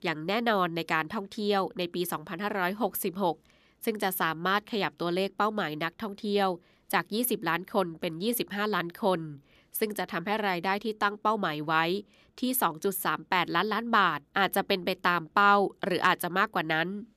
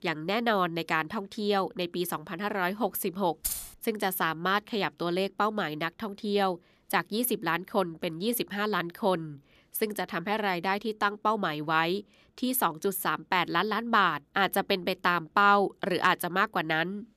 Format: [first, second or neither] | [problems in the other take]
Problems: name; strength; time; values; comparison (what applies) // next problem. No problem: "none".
first | jangling keys; noticeable; at 3.5 s; peak 4 dB below the speech